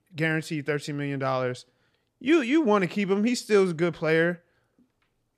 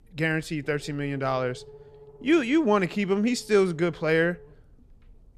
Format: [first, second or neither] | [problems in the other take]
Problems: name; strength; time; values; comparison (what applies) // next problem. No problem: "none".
first | low rumble; faint; throughout; 25 dB below the speech